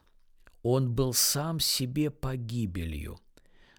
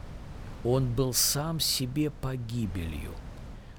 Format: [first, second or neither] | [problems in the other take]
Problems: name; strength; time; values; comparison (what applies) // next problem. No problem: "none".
first | wind noise on the microphone; occasional gusts; 20 dB below the speech